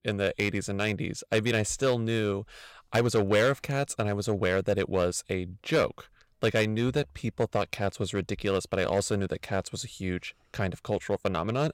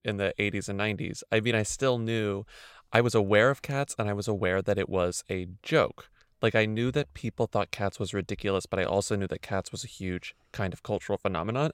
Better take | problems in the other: second | distortion; slight; 3% of the sound clipped

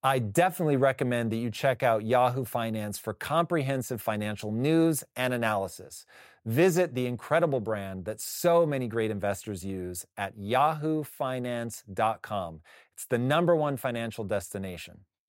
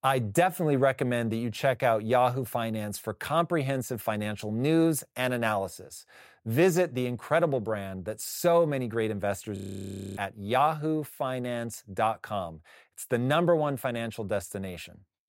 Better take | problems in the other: first | audio freezing; at 9.5 s for 0.5 s

